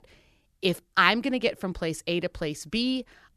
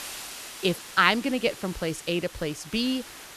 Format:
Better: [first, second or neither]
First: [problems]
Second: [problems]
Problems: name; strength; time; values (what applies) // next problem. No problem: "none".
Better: first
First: none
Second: hiss; noticeable; throughout; 15 dB below the speech